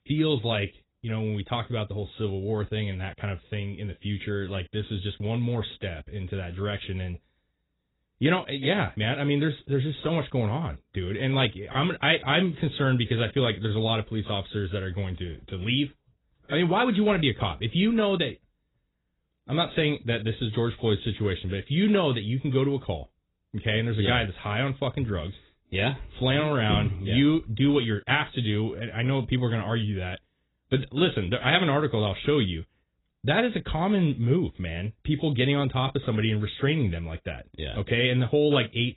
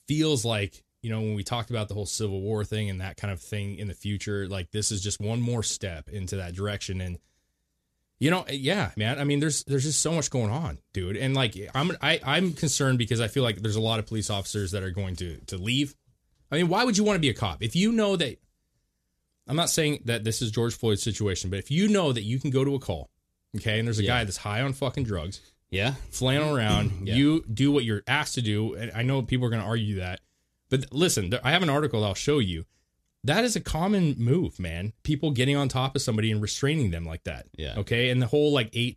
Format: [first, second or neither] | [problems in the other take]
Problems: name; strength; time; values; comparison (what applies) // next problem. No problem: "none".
second | garbled, watery; badly; nothing above 4 kHz